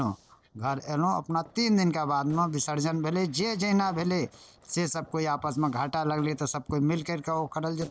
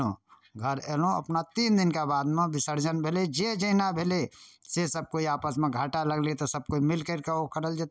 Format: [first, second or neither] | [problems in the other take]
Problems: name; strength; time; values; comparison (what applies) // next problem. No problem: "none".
second | noise reduction (neural separator model SepFormer DNS4)